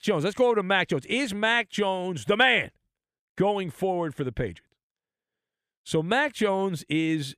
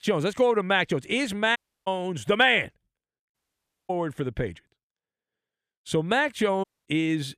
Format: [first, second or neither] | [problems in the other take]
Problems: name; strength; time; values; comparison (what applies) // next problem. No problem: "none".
first | audio cutting out; at 1.5 s, at 3.5 s for 0.5 s and at 6.5 s